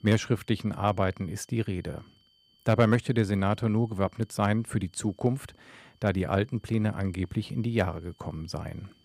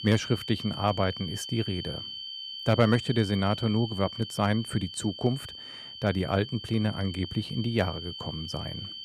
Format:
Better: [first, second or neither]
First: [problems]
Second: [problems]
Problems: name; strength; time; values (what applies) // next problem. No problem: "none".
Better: first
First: high-pitched whine; faint; throughout; 3 kHz, 35 dB below the speech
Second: high-pitched whine; loud; throughout; 3 kHz, 9 dB below the speech